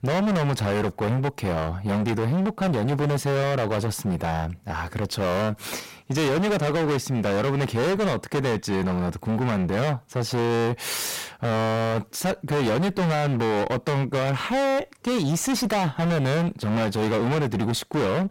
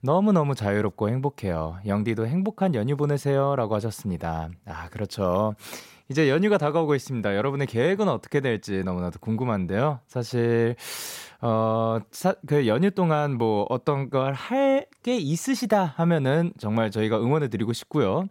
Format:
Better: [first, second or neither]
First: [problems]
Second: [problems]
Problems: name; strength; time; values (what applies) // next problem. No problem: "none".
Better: second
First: distortion; heavy; 40% of the sound clipped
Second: none